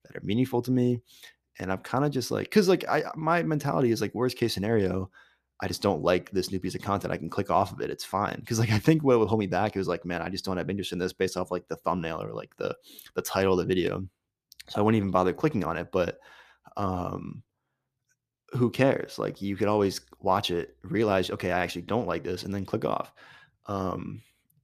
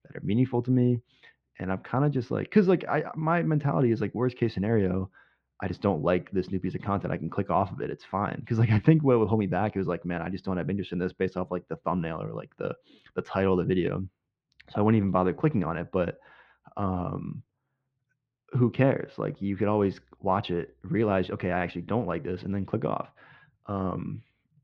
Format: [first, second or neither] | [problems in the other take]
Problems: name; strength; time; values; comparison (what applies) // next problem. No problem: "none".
first | muffled; very; fading above 3 kHz